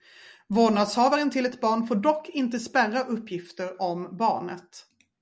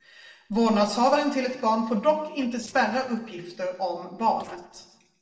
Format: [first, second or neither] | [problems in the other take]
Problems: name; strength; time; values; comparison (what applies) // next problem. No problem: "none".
first | noise reduction (neural separator model SepFormer DNS4)